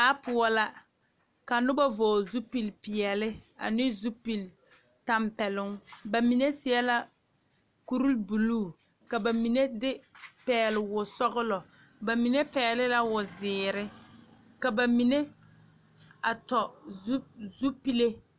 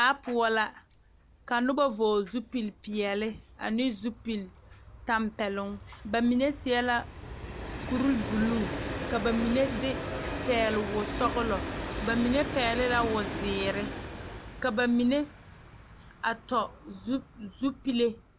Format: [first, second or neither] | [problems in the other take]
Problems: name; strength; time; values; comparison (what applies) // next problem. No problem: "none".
first | background sound (Train); 8 dB below the speech